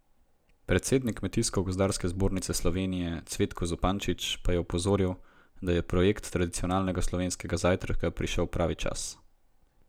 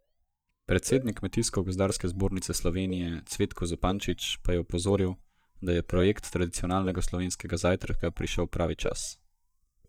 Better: first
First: none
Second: noise reduction (neural mask model DeepFilterNet 3)

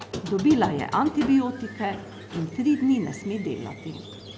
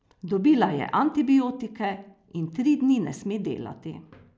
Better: second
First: background sound (Squeak); 12 dB below the speech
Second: none

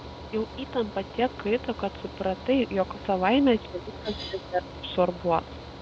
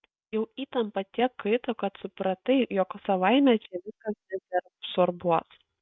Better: second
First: background sound (Mechanical fan); 12 dB below the speech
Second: none

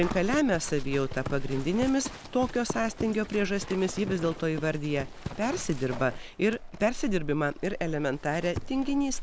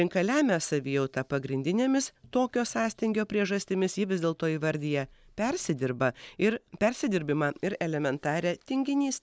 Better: second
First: background sound (Livestock, farm animals, working animals); 8 dB below the speech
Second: none

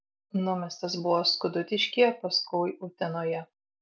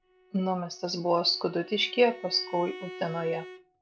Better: first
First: none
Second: background sound (Bowed string instrument); 16 dB below the speech

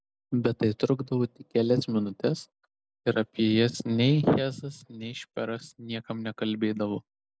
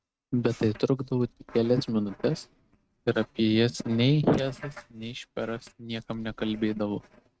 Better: first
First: none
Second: noise reduction (neural mask model RNNoise)

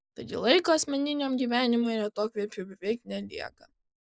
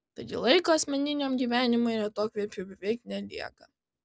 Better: second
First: noise reduction (neural mask model Resemble Enhance denoiser)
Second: none

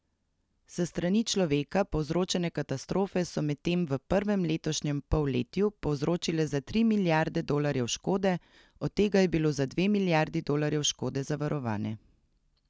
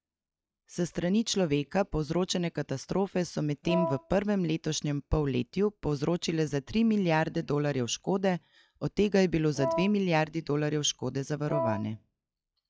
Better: first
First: none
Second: noise reduction (classical method log-MMSE)

